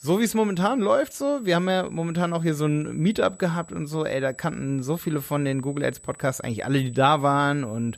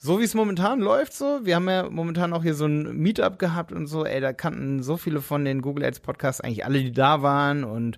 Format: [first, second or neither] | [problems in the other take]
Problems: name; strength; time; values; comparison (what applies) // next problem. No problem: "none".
second | high-pitched whine; faint; throughout; 8 kHz, 20 dB below the speech